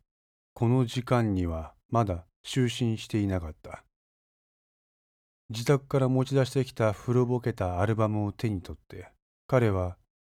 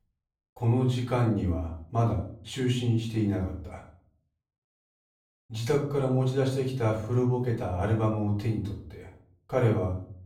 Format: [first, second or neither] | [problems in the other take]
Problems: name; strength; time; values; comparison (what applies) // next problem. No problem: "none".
first | off-mic speech; far // room echo; slight; dies away in 0.5 s